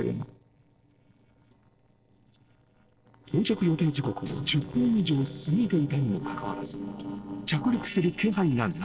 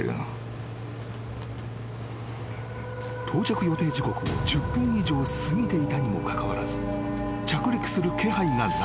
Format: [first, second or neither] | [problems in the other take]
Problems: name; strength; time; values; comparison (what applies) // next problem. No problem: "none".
second | noise reduction (neural separator model SepFormer DNS4)